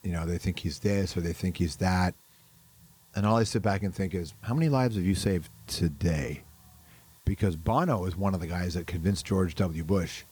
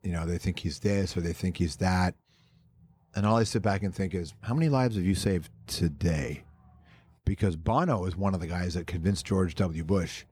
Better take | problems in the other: second | hiss; faint; throughout; 25 dB below the speech

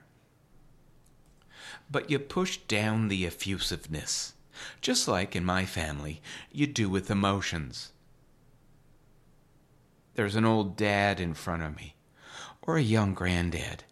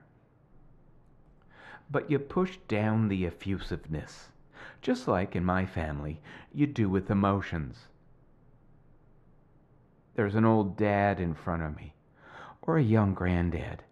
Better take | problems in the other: first | muffled; very; fading above 3 kHz

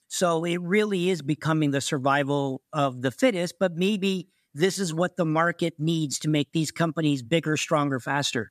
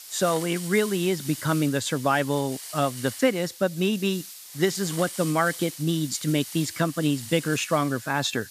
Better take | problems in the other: first | hiss; noticeable; throughout; 10 dB below the speech

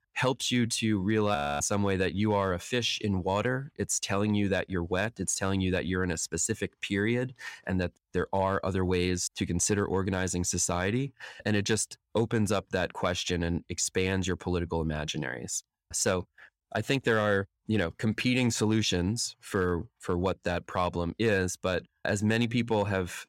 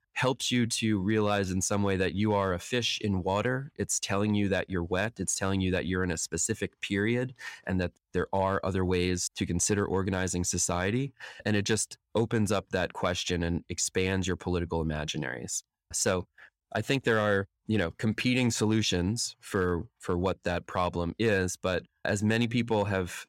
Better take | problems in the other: second | audio freezing; at 1.5 s

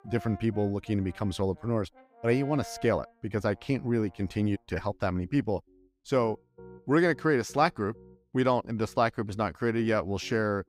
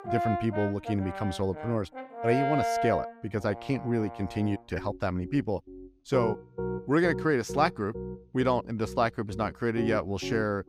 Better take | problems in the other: first | background music; loud; throughout; 6 dB below the speech; faint in the first

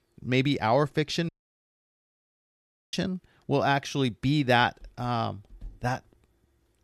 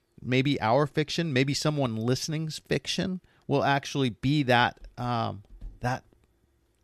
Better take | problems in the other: second | audio cutting out; at 1.5 s for 1.5 s

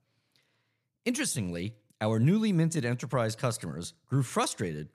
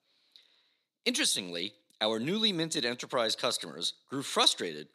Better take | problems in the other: first | thin; somewhat; fading below 250 Hz

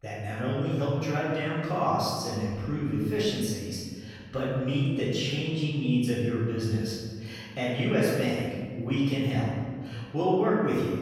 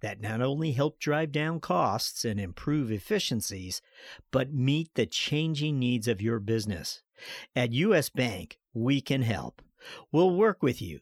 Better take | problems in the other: second | off-mic speech; far // room echo; strong; dies away in 1.7 s

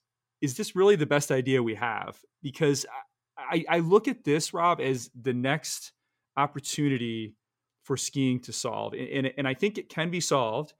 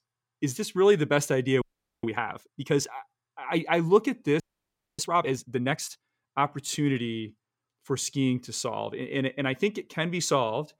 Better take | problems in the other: first | audio freezing; at 1.5 s and at 4.5 s for 0.5 s

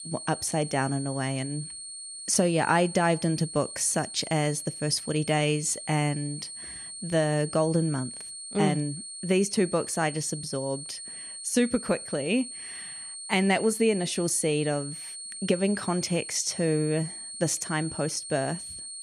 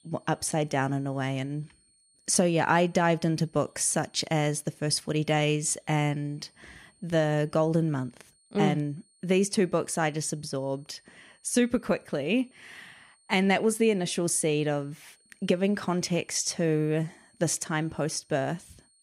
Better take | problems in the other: second | high-pitched whine; loud; throughout; 8.5 kHz, 10 dB below the speech; faint in the second

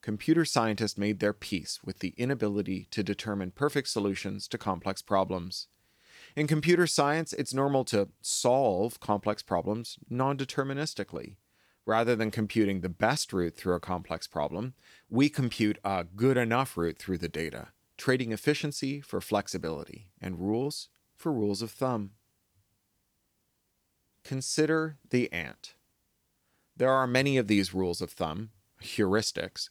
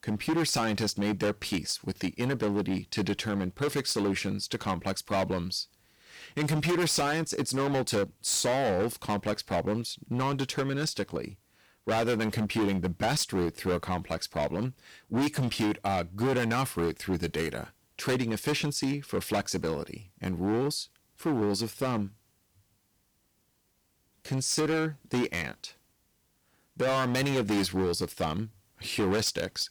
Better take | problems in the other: first | distortion; heavy; 14% of the sound clipped

